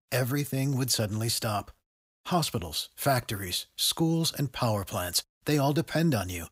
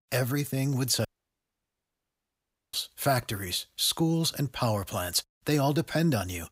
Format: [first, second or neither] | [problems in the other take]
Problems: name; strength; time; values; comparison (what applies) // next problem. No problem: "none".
first | audio cutting out; at 1 s for 1.5 s